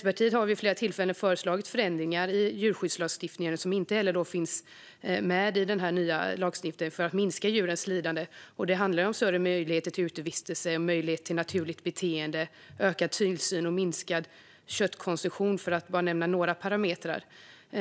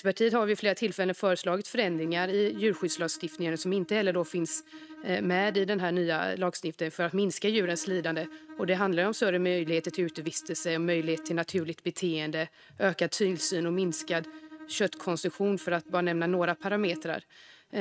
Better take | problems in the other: first | noise reduction (neural mask model RNNoise)

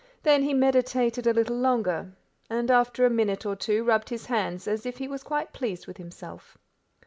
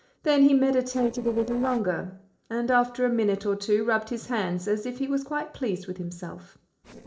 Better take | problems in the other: first | noise reduction (neural separator model SepFormer DNS4)

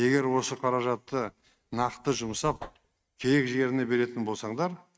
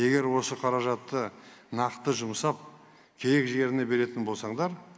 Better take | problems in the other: second | noise reduction (neural mask model RNNoise)

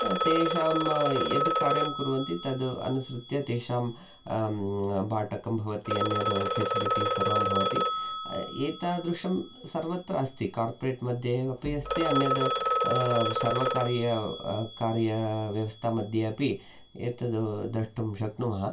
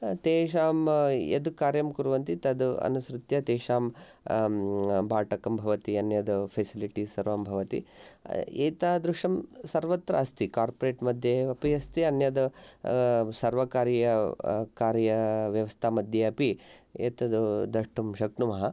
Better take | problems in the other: second | background sound (Telephone); 2 dB below the speech // room echo; dies away in 0.2 s

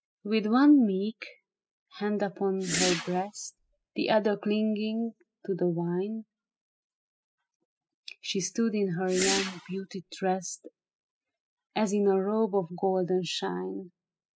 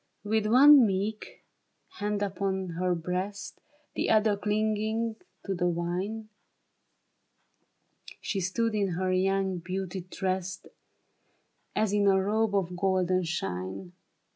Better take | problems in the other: second | noise reduction (classical method spectral subtraction)

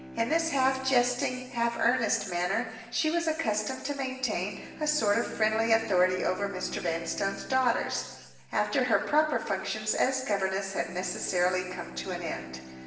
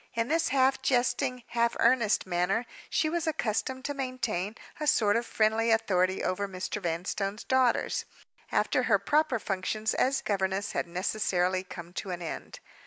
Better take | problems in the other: second | background sound (Bowed string instrument); 17 dB below the speech // room echo; dies away in 1.1 s

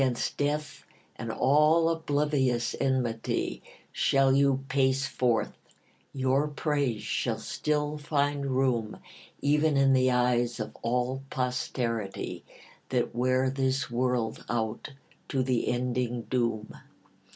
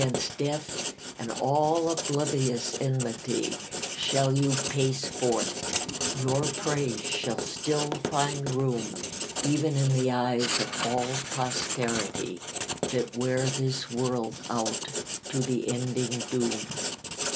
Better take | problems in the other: first | background sound (Writing); 5 dB below the speech

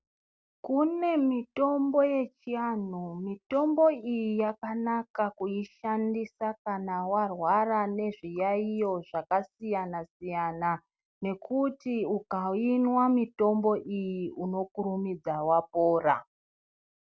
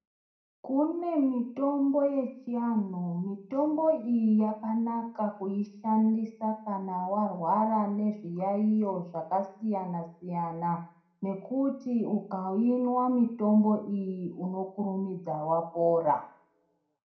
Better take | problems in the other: first | room echo; dies away in 0.4 s

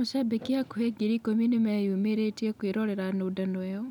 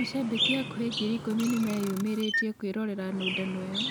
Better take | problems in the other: first | background sound (Camera + Chirp, tweet); 4 dB below the speech

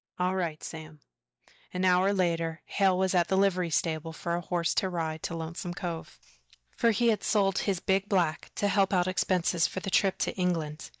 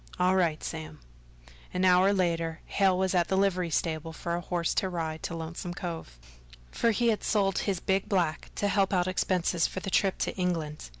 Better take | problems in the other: second | noise reduction (neural mask model DeepFilterNet 3)

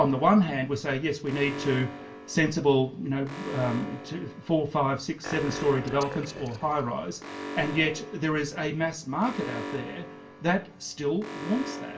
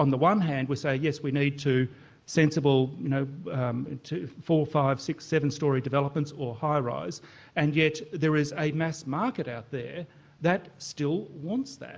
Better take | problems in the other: second | background sound (Alarm); 12 dB below the speech // room echo; dies away in 0.2 s

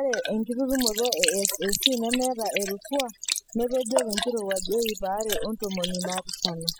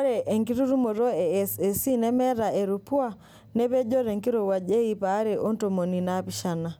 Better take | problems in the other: second | noise reduction (classical method spectral subtraction)

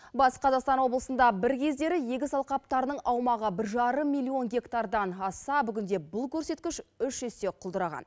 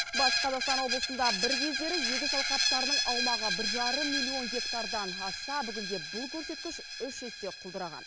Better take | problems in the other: first | background sound (Screech); 3 dB above the speech

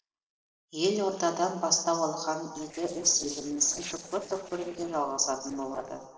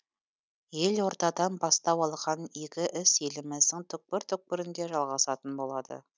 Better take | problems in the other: second | noise reduction (neural separator model SepFormer DNS4)

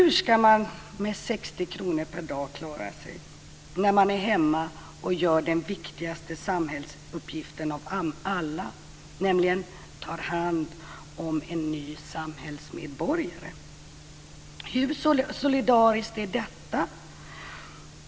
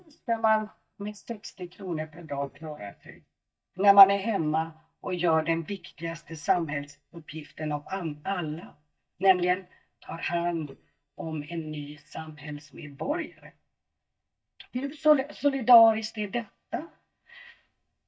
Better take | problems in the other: first | noise reduction (neural mask model DeepFilterNet 3)

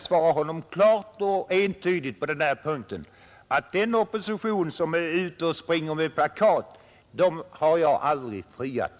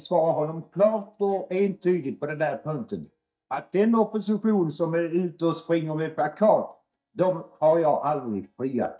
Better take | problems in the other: first | noise reduction (neural mask model DeepFilterNet 3)

